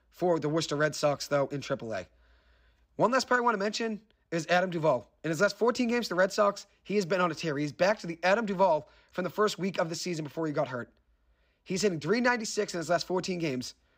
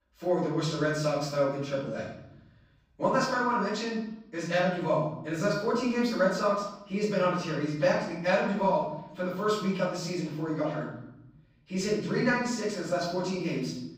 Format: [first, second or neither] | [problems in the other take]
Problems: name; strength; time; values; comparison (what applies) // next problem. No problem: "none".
first | off-mic speech; far // room echo; noticeable; dies away in 0.8 s